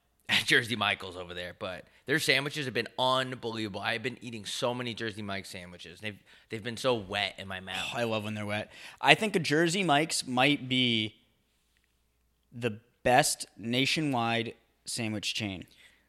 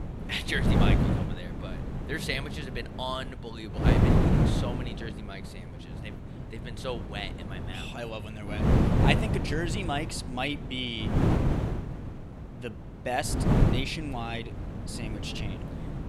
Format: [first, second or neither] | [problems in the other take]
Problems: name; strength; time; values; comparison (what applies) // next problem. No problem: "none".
first | wind noise on the microphone; heavy; 1 dB below the speech